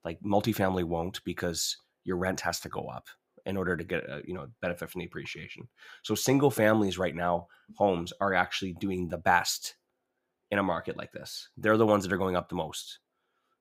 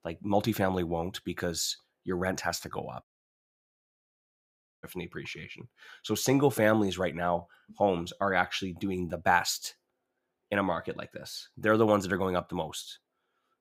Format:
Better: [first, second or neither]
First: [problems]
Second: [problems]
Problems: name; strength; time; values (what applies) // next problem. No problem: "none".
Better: first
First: none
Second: audio cutting out; at 3 s for 2 s